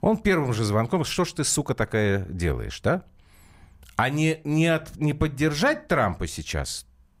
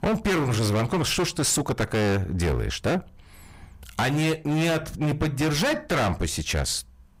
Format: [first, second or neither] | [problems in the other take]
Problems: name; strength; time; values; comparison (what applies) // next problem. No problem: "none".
first | distortion; heavy; 24% of the sound clipped